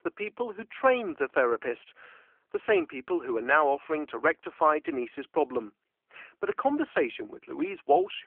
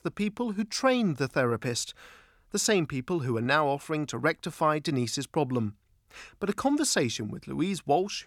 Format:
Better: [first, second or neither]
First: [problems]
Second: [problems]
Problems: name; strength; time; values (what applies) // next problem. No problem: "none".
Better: second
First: phone-call audio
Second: none